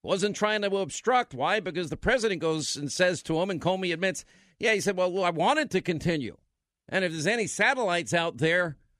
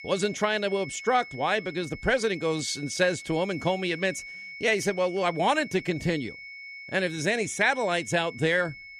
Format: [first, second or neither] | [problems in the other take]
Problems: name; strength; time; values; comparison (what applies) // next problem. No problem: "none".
first | high-pitched whine; noticeable; throughout; 2 kHz, 15 dB below the speech